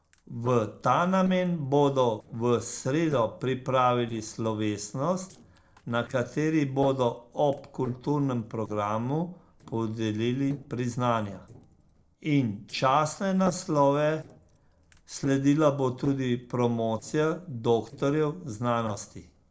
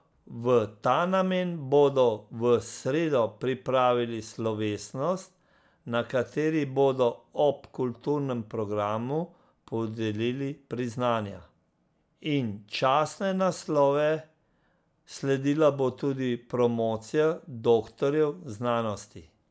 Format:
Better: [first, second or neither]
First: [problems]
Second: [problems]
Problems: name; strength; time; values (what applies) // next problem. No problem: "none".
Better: second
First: noise reduction (neural separator model SepFormer DNS4)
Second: none